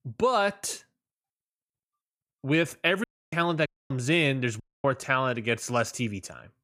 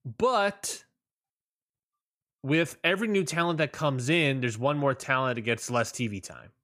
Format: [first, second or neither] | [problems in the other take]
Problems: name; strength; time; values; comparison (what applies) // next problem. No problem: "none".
second | audio cutting out; at 3 s, at 3.5 s and at 4.5 s